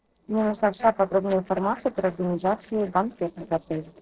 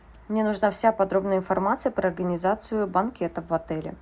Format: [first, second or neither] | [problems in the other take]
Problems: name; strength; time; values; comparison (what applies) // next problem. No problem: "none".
second | noise reduction (neural separator model SepFormer DNS4)